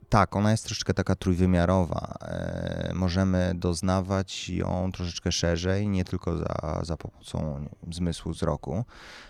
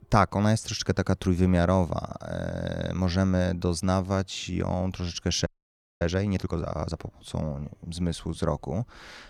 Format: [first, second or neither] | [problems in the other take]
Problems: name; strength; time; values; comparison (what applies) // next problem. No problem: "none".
first | audio freezing; at 5.5 s for 0.5 s